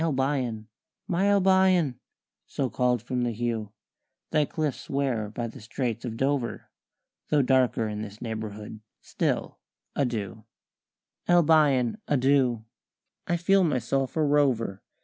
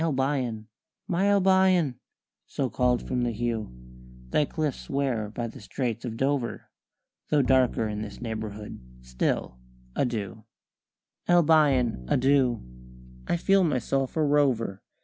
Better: first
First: none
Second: background sound (Bowed string instrument); 12 dB below the speech

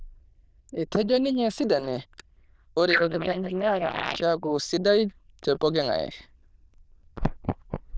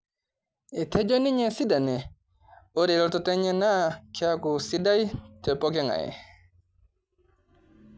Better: second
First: noise reduction (neural diffusion model UNIVERSE++)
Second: none

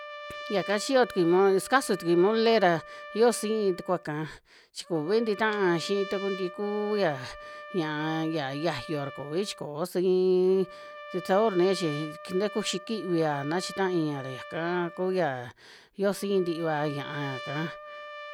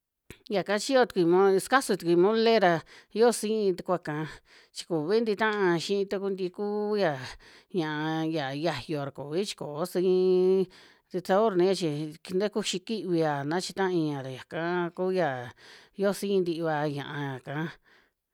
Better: second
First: background sound (Trumpet); 15 dB below the speech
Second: none

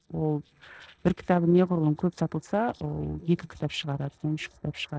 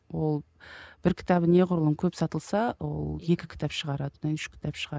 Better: second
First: noise reduction (neural separator model SepFormer DNS4)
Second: none

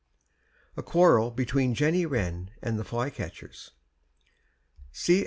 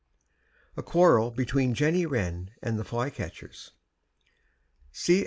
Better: first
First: none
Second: noise reduction (neural mask model Resemble Enhance denoiser)

